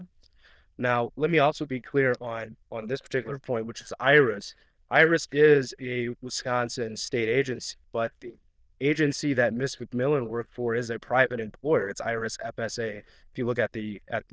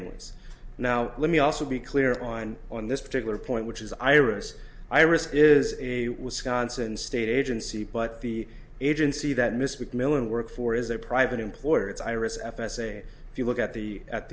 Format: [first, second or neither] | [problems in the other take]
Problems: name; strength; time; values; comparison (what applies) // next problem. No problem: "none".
second | noise reduction (neural diffusion model UNIVERSE++)